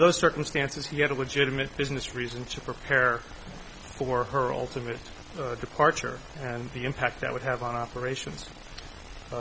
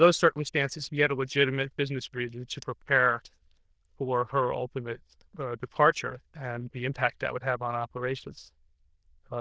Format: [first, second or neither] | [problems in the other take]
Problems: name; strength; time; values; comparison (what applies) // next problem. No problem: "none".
first | noise reduction (neural diffusion model UNIVERSE++)